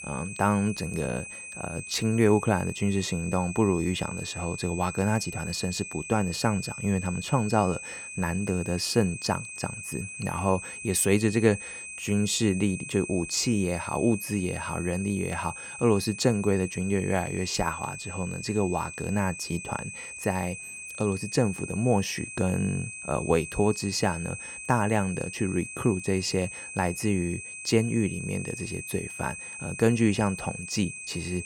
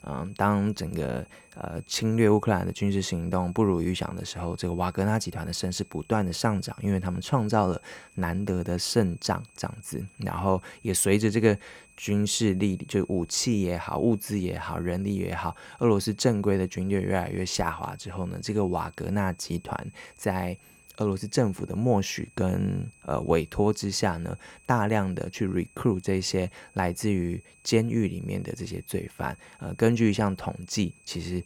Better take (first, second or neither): second